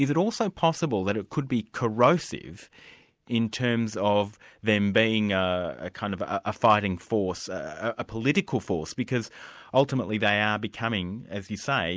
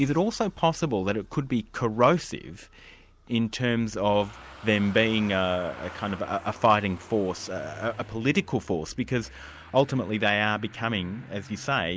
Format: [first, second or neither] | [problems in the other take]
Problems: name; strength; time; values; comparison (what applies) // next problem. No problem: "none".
first | background sound (Engine starting / Motor vehicle (road)); 20 dB below the speech